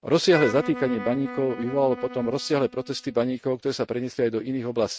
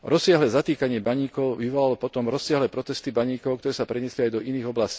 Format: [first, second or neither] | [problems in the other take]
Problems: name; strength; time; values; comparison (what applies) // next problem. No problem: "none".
second | noise reduction (neural mask model RNNoise)